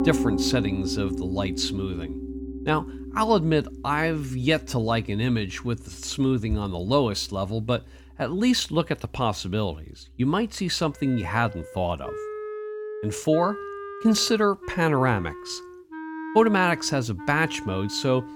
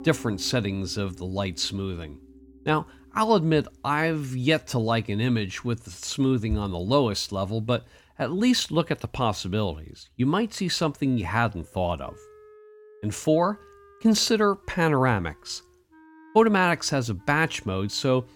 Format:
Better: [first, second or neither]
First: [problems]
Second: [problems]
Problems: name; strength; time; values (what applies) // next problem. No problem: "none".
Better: second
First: background music; loud; throughout; 10 dB below the speech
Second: background music; faint; throughout; 25 dB below the speech